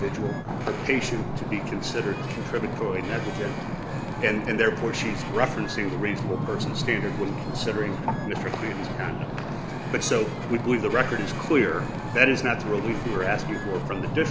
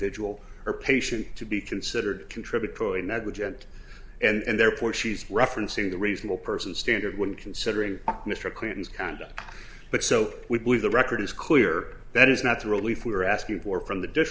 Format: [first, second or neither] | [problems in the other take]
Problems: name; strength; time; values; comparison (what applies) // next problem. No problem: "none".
second | background sound (Wind / Ocean); 3 dB below the speech